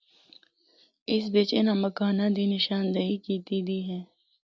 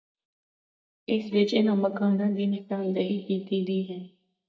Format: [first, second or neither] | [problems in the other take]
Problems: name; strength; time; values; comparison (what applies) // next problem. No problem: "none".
first | noise reduction (neural mask model DeepFilterNet 3)